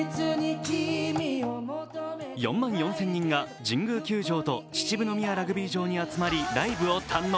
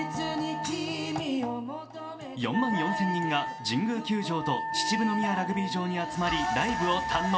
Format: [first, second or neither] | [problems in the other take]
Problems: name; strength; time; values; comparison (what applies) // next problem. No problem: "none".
first | background sound (Wind instrument, woodwind instrument); 5 dB below the speech // room echo; dies away in 0.4 s